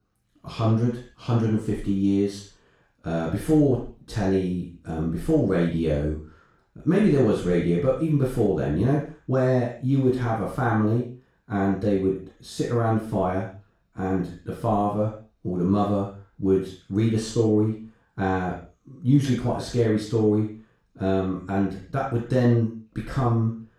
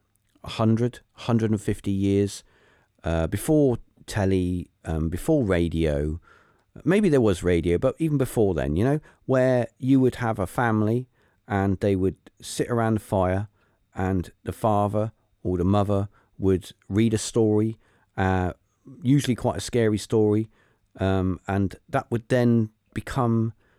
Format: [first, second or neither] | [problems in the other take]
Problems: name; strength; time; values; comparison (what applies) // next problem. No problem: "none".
second | room echo; noticeable; dies away in 0.4 s // off-mic speech; far